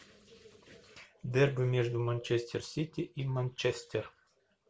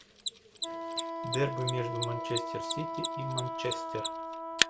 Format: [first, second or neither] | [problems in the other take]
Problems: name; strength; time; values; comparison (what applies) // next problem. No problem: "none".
first | background sound (Mechanisms + Wind instrument, woodwind instrument); 2 dB above the speech